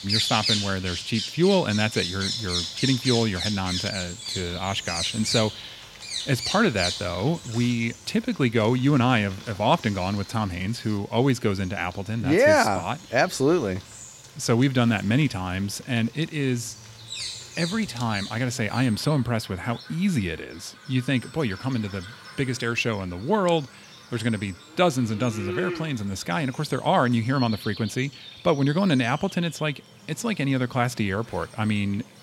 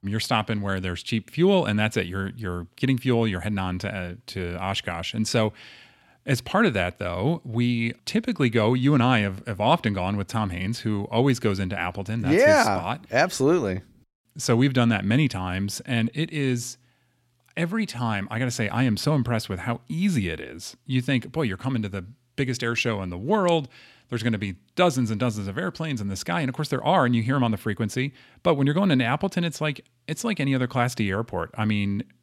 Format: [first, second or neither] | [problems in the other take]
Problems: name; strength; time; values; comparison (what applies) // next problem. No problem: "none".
second | animal sounds; loud; throughout; 7 dB below the speech